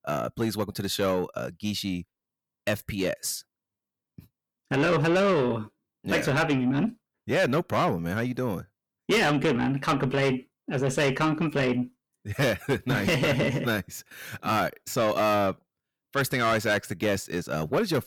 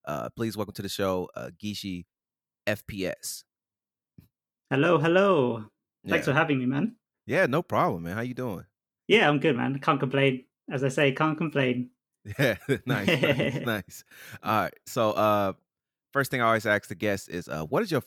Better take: second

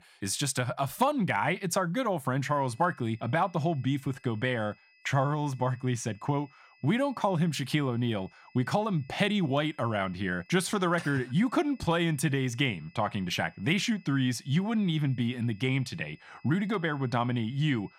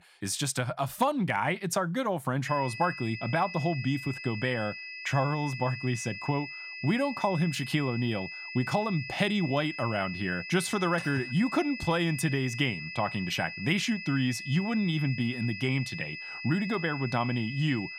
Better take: first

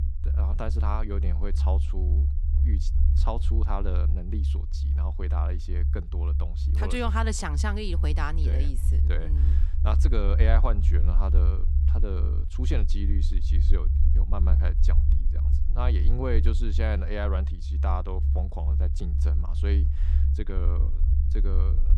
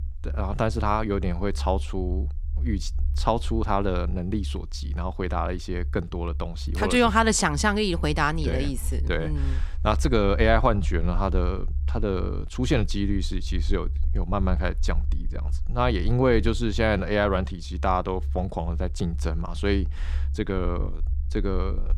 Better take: second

